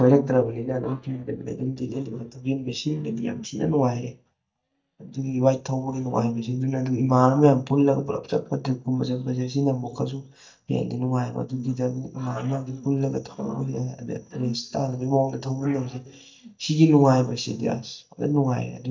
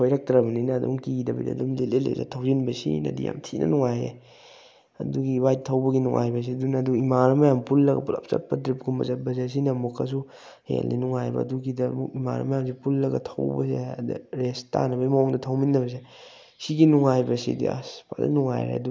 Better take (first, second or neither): second